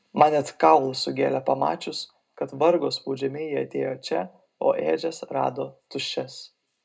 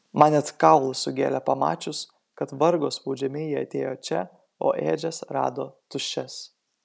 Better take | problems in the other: second | room echo; dies away in 0.2 s

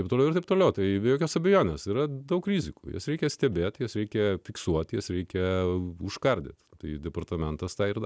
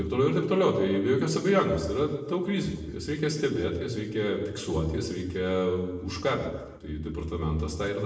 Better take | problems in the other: first | room echo; dies away in 1 s

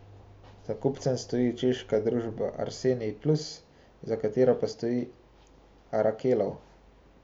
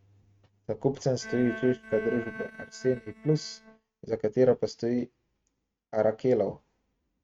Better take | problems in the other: first | noise reduction (neural mask model RNNoise)

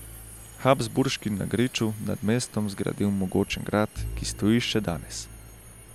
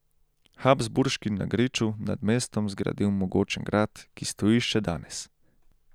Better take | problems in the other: second | background sound (Bowed string instrument + Subway, metro, underground); 15 dB below the speech

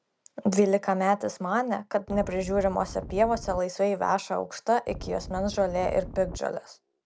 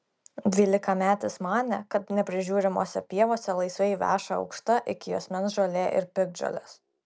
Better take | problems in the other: second | background sound (Wind); 12 dB below the speech

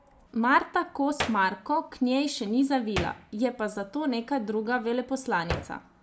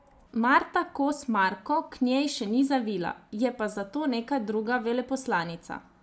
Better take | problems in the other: second | background sound (Whoosh, swoosh, swish + Hands); 13 dB below the speech

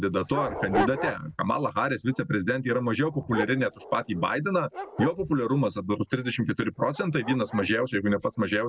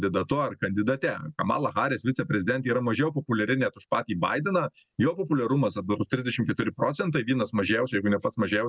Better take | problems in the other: second | background sound (Dog); 10 dB below the speech

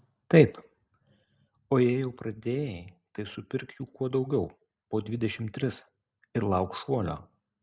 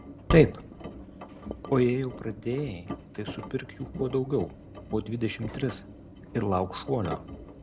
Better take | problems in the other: first | background sound (Engine); 10 dB below the speech

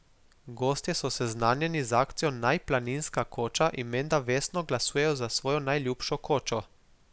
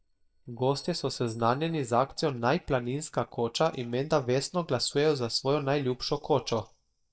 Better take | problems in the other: first | noise reduction (neural mask model DeepFilterNet 3)

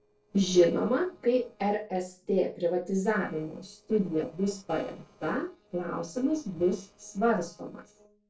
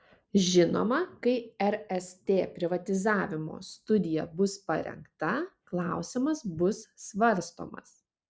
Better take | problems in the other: second | noise reduction (neural separator model SepFormer DNS4)

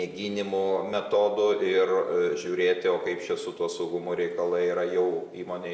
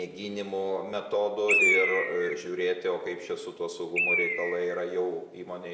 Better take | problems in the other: first | background sound (Bird); 1 dB below the speech

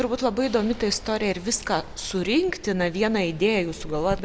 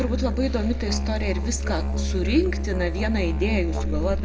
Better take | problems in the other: first | background sound (Musical instrument); 1 dB above the speech // room echo; dies away in 0.2 s

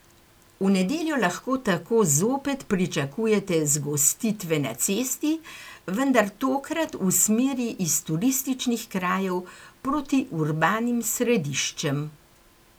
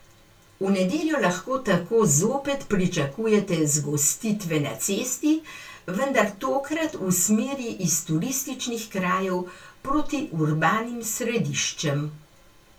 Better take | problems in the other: first | room echo; dies away in 0.2 s

